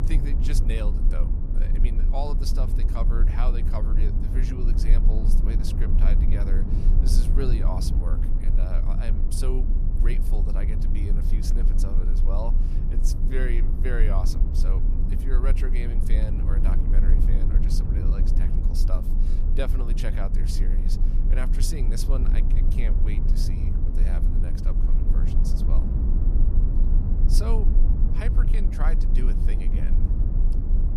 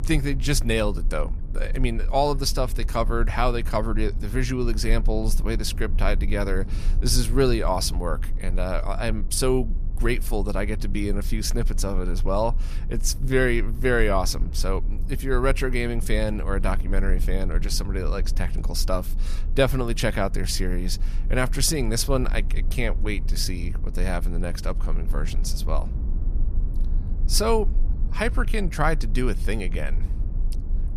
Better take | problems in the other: second | low rumble; loud; throughout; 3 dB below the speech; faint in the second

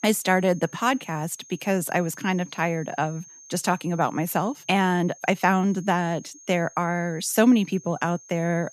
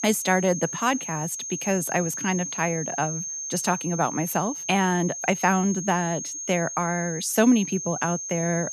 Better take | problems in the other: first | high-pitched whine; loud; throughout; 6.5 kHz, 6 dB below the speech; faint in the first

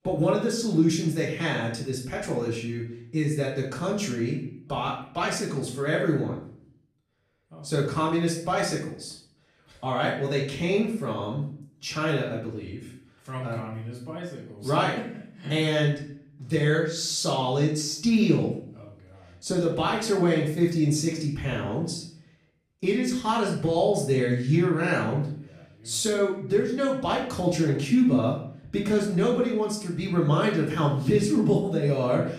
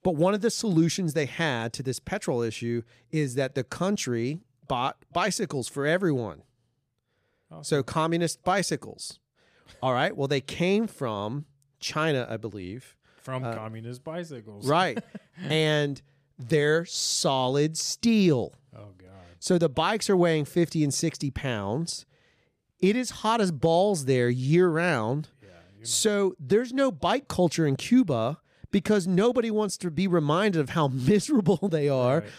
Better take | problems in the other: second | off-mic speech; far // room echo; noticeable; dies away in 0.5 s

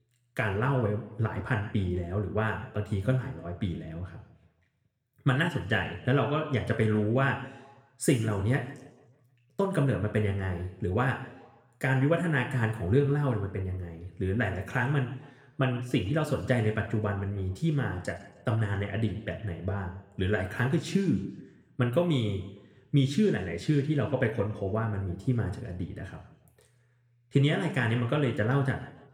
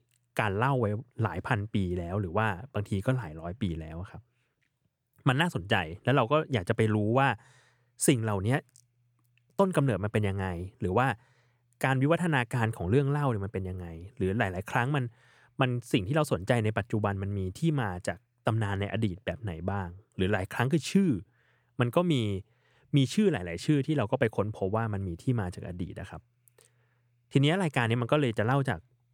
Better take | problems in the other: second | room echo; slight; dies away in 0.8 s

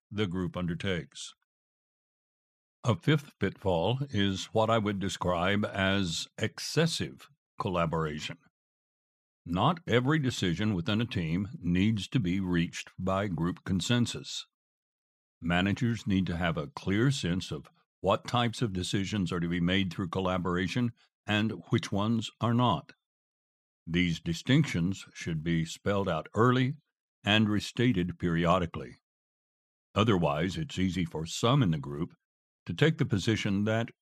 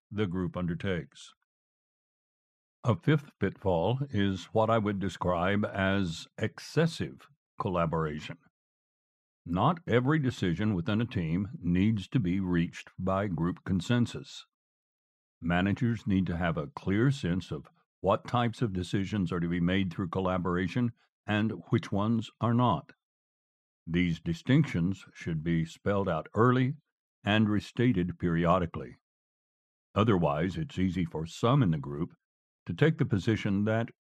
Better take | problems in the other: first | muffled; slightly; fading above 2.5 kHz

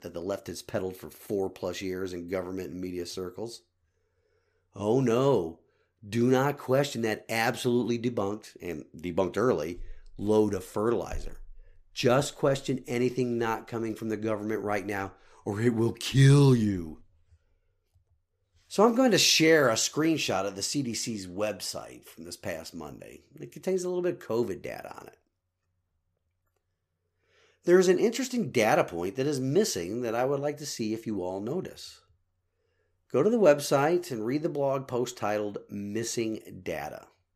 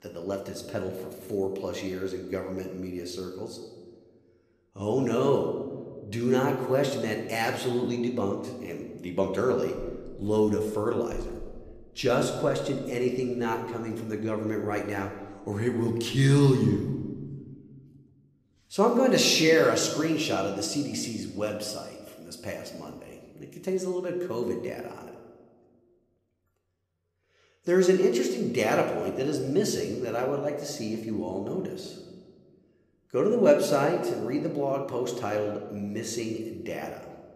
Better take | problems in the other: first | room echo; slight; dies away in 1.1 s

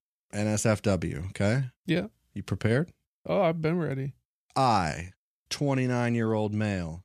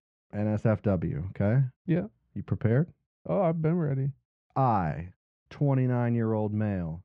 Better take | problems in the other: first | muffled; very; fading above 1.5 kHz

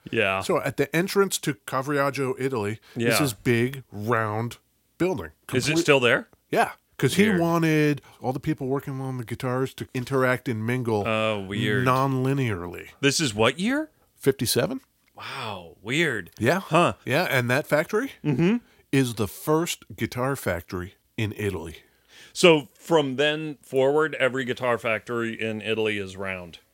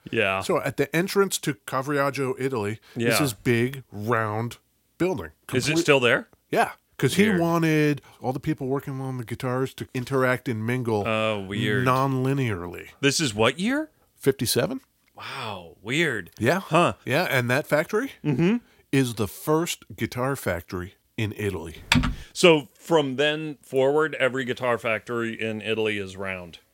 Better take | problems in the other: first | keyboard typing; loud; at 22 s; peak 2 dB above the speech

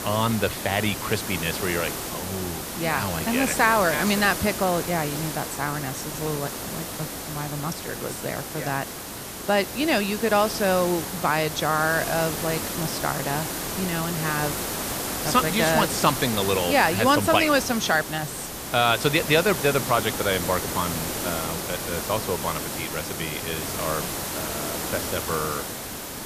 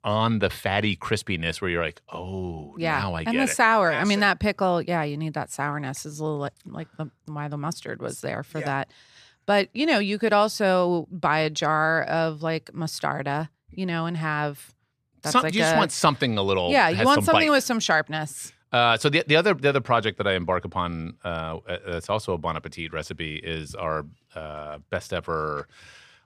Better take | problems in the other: second | hiss; loud; throughout; 5 dB below the speech

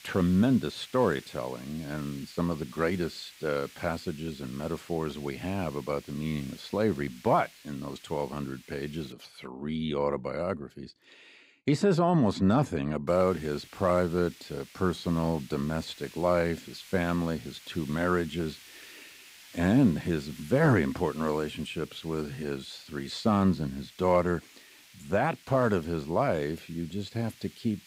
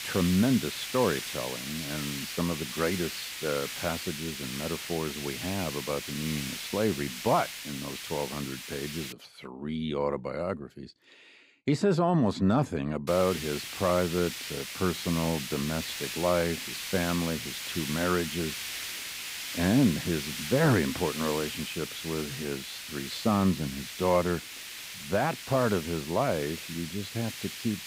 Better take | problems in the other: first | hiss; loud; until 9 s and from 13 s on; 6 dB below the speech; faint in the first

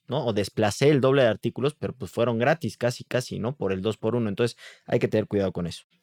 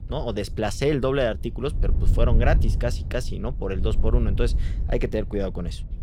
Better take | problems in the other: first | wind noise on the microphone; occasional gusts; 15 dB below the speech

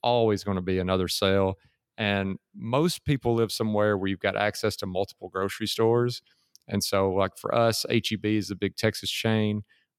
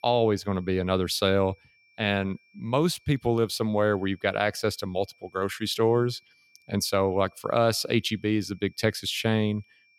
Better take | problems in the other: first | high-pitched whine; faint; throughout; 2.5 kHz, 35 dB below the speech

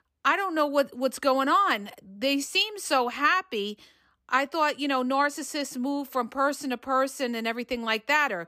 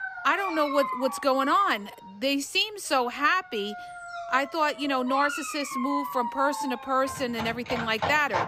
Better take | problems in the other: first | animal sounds; loud; throughout; 8 dB below the speech

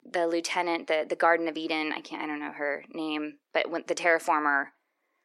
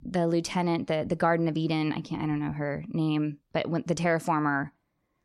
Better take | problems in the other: second | thin; very; fading below 350 Hz

